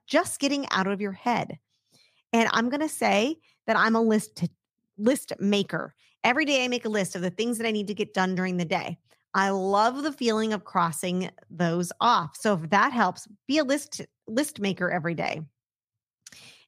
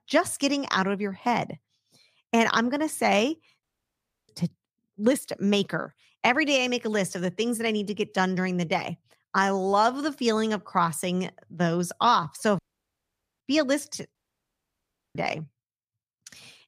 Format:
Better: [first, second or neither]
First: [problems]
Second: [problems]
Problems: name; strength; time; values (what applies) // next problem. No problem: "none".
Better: first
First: none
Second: audio cutting out; at 3.5 s for 0.5 s, at 13 s for 1 s and at 14 s for 1 s